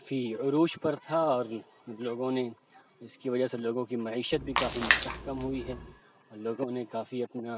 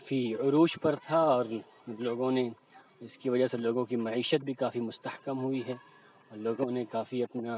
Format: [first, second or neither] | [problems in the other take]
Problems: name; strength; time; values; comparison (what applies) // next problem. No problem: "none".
second | background sound (Splash, splatter); as loud as the speech